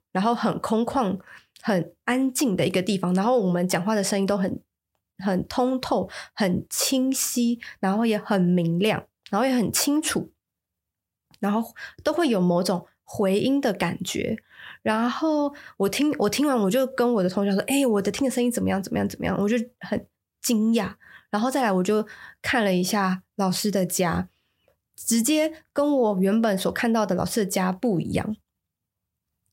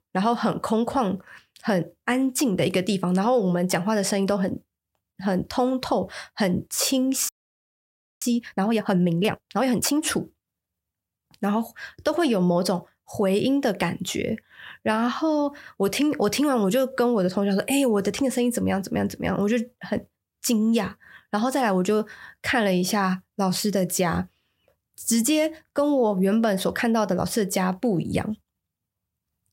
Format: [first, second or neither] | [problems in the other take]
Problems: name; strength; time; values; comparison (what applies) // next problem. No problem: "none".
first | audio freezing; at 7.5 s for 1 s